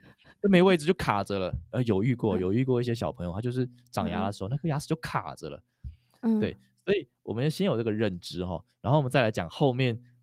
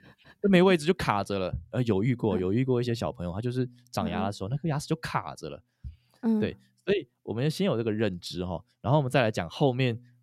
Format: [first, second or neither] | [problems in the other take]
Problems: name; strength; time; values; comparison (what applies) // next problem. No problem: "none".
second | garbled, watery; slightly; nothing above 16 kHz